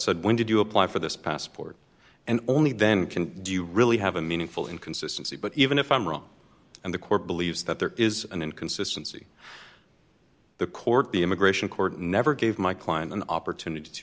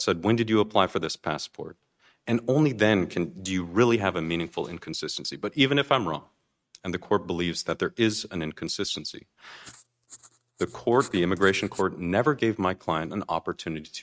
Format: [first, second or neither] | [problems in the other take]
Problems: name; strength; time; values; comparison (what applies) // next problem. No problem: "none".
first | noise reduction (neural mask model RNNoise)